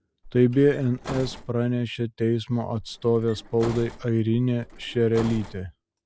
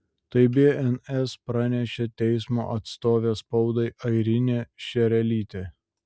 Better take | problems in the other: second | background sound (Bus); 15 dB below the speech

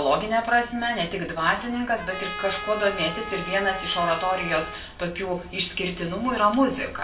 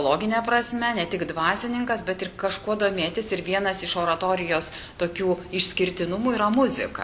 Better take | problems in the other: second | background sound (Trumpet); 10 dB below the speech // room echo; dies away in 0.2 s

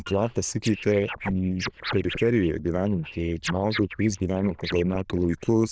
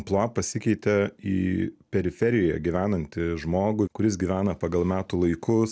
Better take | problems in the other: second | noise reduction (neural diffusion model UNIVERSE++)

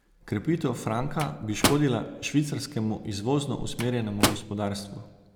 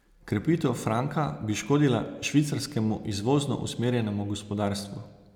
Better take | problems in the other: second | background sound (Microwave oven); 5 dB below the speech

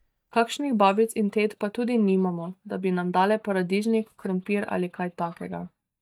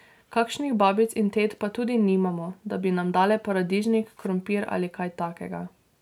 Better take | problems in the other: second | noise reduction (neural mask model DeepFilterNet 3)

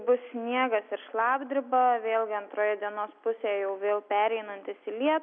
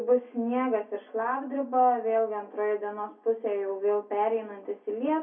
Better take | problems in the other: first | room echo; dies away in 0.3 s

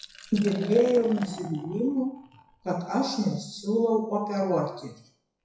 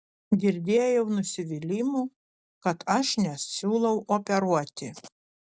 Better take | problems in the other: second | noise reduction (classical method WPE with log-MMSE)

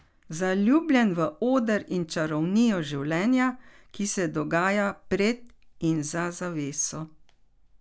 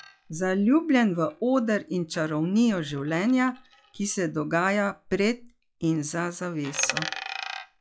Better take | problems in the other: first | noise reduction (classical method log-MMSE)

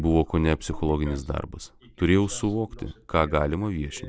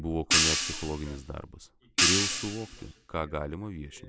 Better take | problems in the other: first | background sound (Hi-hat); 5 dB above the speech

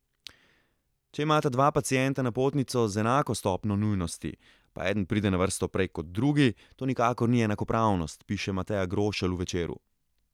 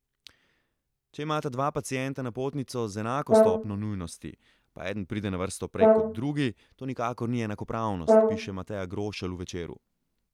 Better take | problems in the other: first | background sound (Brass instrument); 5 dB above the speech

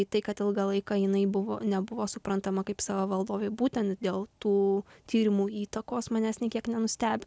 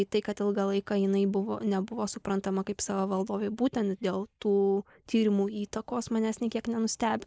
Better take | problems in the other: first | noise reduction (neural mask model Resemble Enhance denoiser)

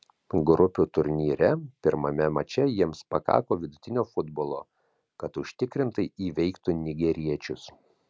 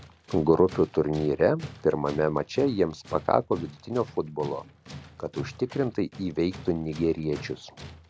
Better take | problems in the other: first | background sound (Tools); 17 dB below the speech

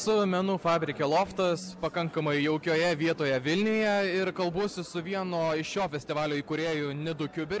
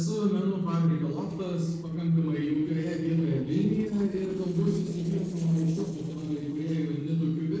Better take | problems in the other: first | noise reduction (neural separator model SepFormer DNS4)

